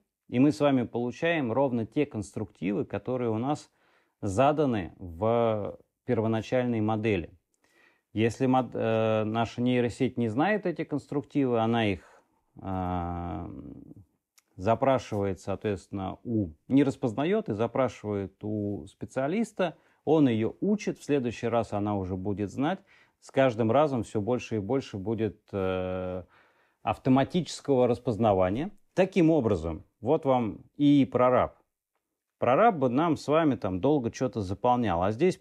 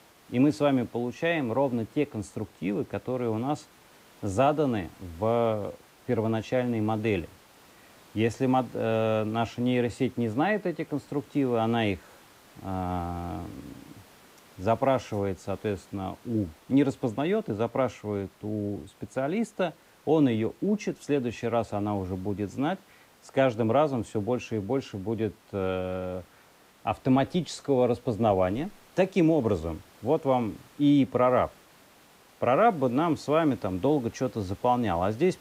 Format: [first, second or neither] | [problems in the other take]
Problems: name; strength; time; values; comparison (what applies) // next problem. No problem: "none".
first | hiss; faint; throughout; 25 dB below the speech